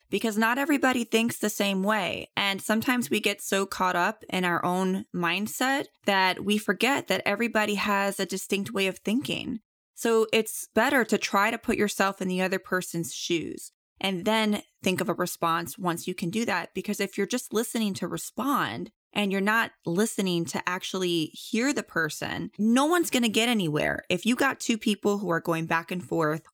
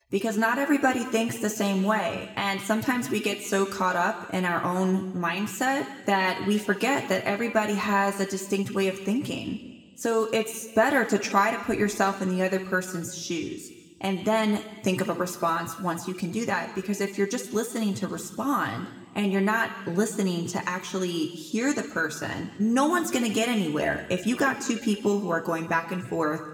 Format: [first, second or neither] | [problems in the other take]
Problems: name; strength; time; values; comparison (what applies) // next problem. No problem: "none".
first | room echo; slight; dies away in 1.3 s